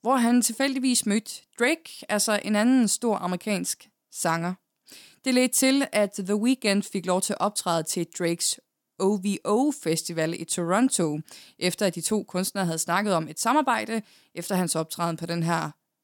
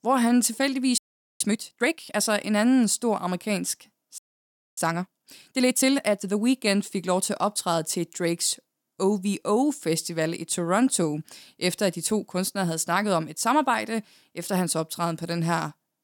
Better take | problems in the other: first | audio freezing; at 1 s and at 4 s for 0.5 s

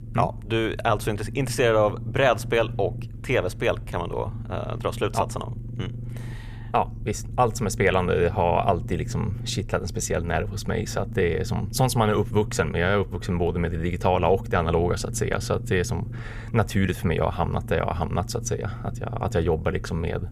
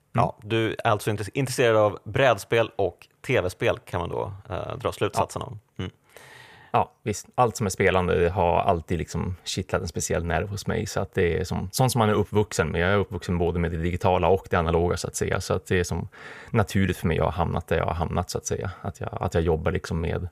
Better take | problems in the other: second | low rumble; faint; throughout; 20 dB below the speech

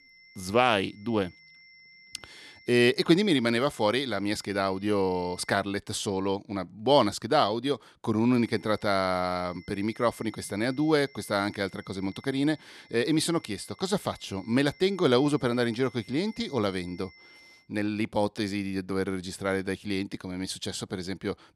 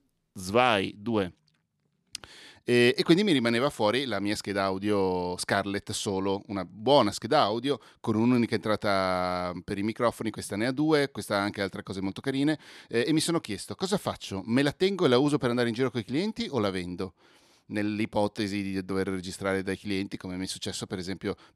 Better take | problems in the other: second | high-pitched whine; faint; until 5.5 s and from 8.5 to 18 s; 2 kHz, 25 dB below the speech

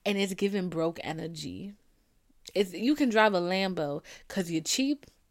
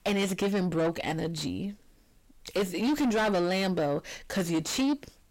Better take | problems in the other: first | distortion; heavy; 5 dB below the speech

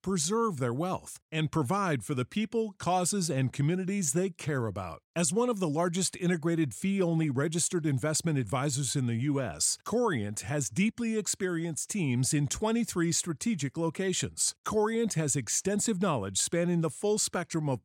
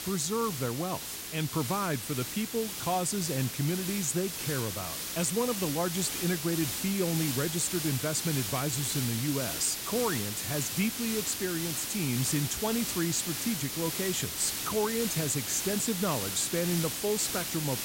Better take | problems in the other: first | hiss; loud; throughout; 2 dB below the speech

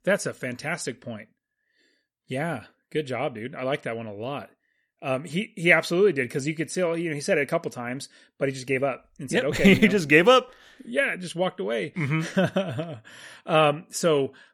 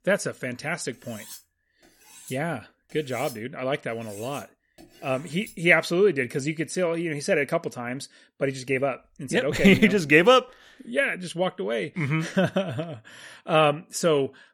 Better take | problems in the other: first | clattering dishes; faint; from 1 to 5.5 s; peak 15 dB below the speech

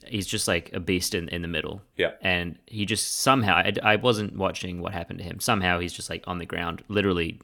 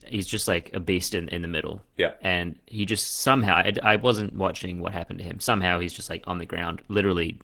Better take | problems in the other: first | garbled, watery; slightly; nothing above 18.5 kHz

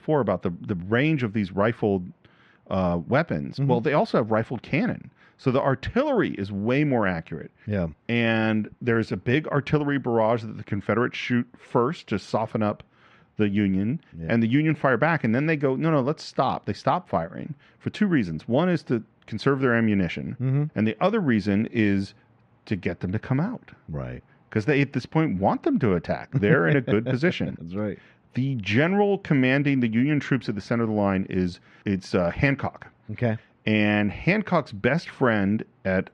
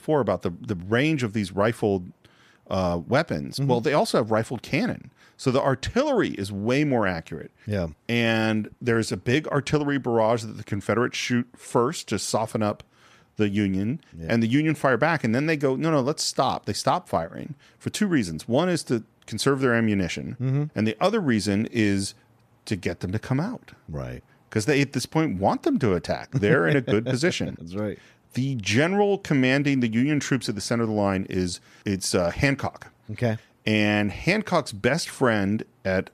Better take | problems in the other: second | muffled; slightly; fading above 2.5 kHz

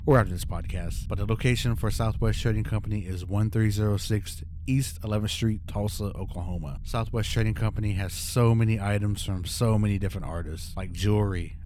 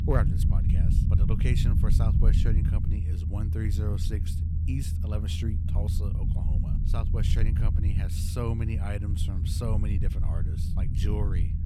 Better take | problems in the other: first | low rumble; loud; throughout; 2 dB below the speech; faint in the first

